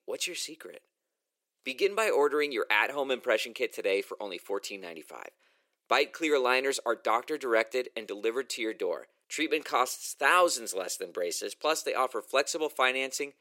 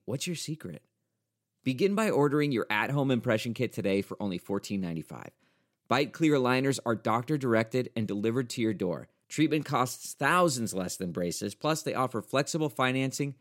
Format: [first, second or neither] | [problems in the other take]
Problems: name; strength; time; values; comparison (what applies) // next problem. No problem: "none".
second | thin; very; fading below 400 Hz